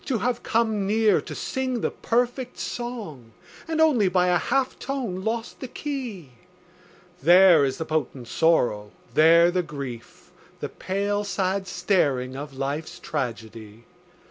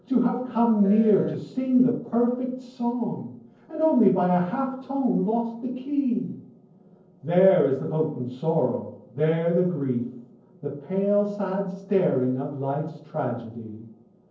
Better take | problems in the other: first | noise reduction (neural separator model SepFormer DNS4)

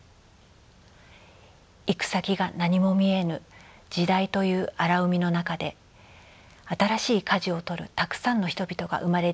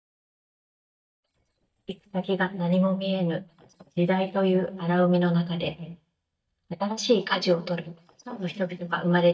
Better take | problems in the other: first | noise reduction (neural mask model DeepFilterNet 3)

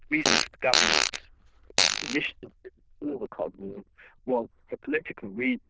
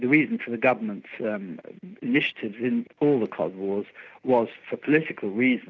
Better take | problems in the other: second | noise reduction (neural diffusion model UNIVERSE++)

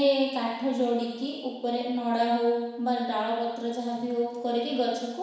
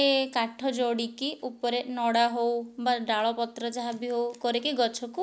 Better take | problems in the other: second | room echo; dies away in 1.1 s

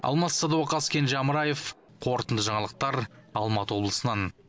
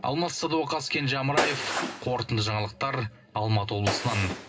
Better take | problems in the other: first | background sound (Gunshot, gunfire); 6 dB below the speech // room echo; dies away in 0.2 s

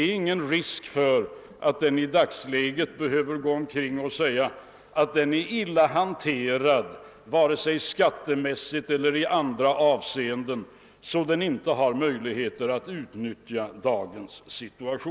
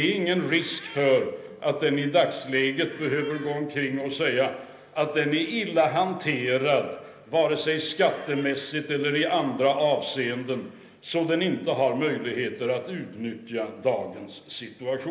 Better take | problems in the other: first | background sound (Squeak); 19 dB below the speech // room echo; dies away in 0.8 s

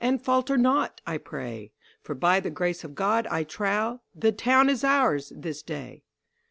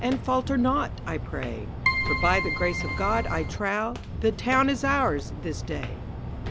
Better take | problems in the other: first | background sound (Keyboard (musical) + Walk, footsteps); 3 dB below the speech

